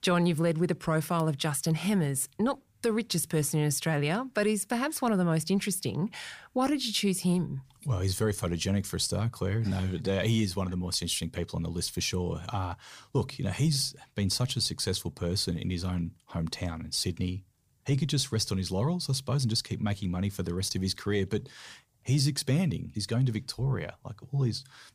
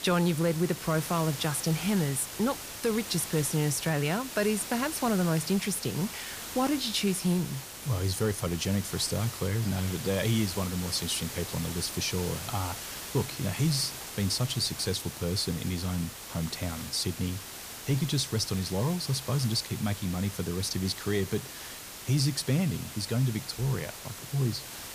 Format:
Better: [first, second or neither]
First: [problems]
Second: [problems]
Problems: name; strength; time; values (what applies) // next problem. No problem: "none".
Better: first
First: none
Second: hiss; loud; throughout; 9 dB below the speech